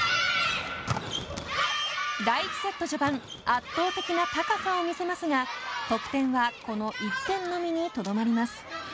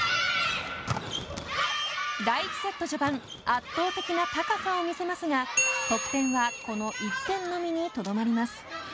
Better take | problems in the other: first | background sound (Bell); 5 dB below the speech

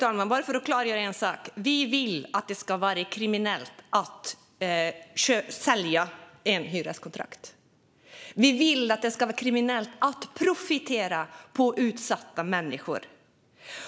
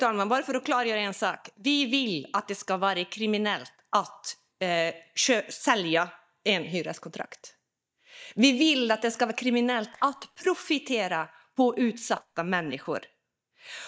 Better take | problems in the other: first | noise reduction (neural mask model DeepFilterNet 3)

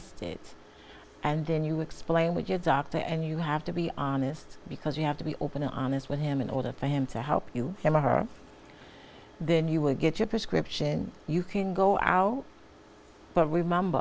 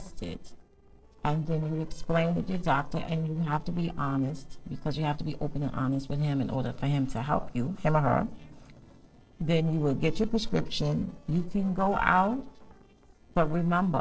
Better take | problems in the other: first | noise reduction (neural separator model SepFormer DNS4)

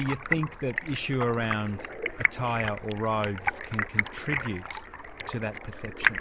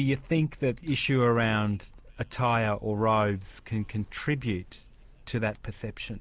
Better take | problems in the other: second | background sound (Stream); 1 dB below the speech

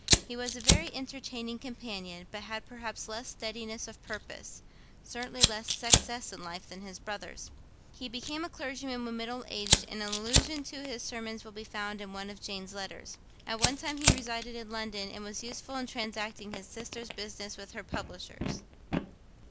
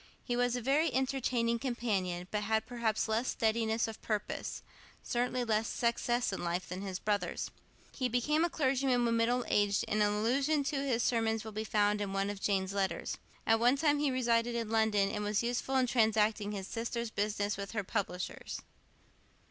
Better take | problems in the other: second | background sound (Fire); 4 dB above the speech

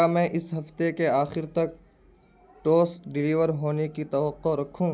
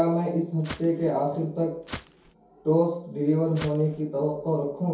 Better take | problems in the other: first | background sound (Walk, footsteps); 15 dB below the speech // room echo; dies away in 0.6 s

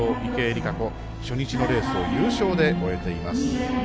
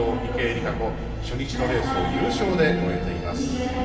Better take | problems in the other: first | room echo; dies away in 2.4 s

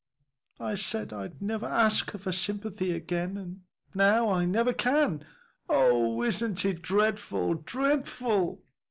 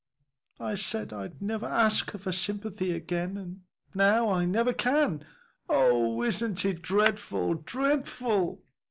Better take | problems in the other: first | noise reduction (neural mask model Resemble Enhance denoiser)

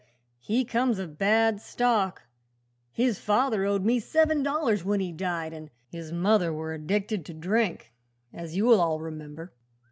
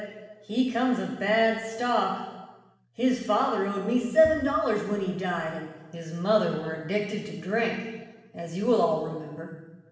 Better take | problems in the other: first | room echo; dies away in 1.2 s

